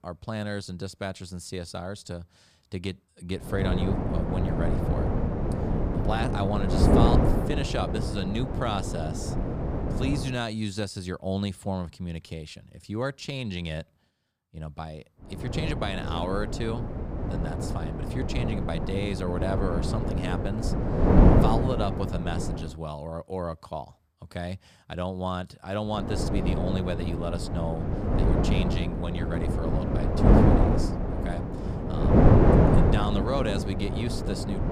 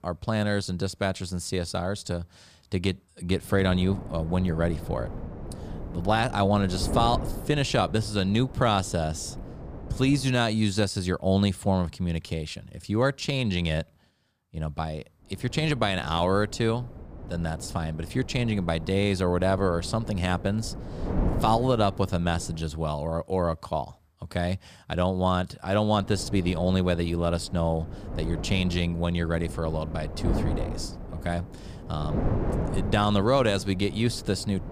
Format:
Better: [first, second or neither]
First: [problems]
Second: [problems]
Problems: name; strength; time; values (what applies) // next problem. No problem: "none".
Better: second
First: wind noise on the microphone; heavy; from 3.5 to 10 s, from 15 to 23 s and from 26 s on; 3 dB above the speech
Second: wind noise on the microphone; occasional gusts; from 3.5 to 10 s, from 15 to 23 s and from 26 s on; 15 dB below the speech